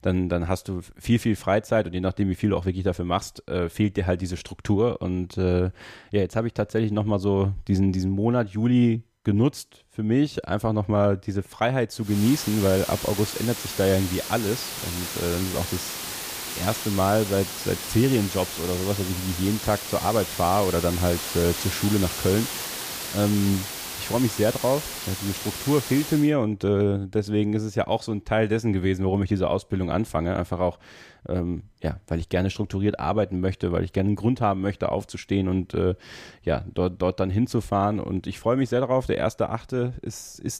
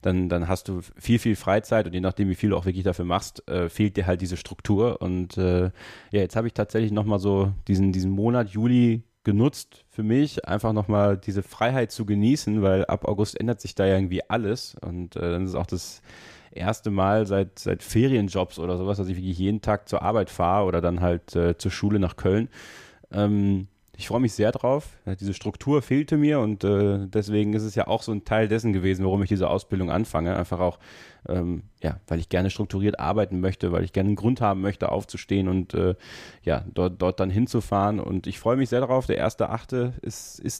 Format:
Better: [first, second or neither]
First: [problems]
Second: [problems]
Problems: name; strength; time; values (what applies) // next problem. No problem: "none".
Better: second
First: hiss; loud; from 12 to 26 s; 6 dB below the speech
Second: none